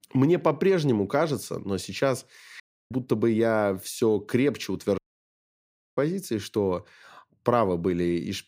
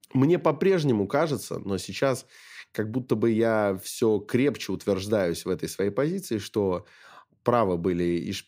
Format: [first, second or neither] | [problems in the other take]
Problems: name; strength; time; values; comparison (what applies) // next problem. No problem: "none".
second | audio cutting out; at 2.5 s and at 5 s for 1 s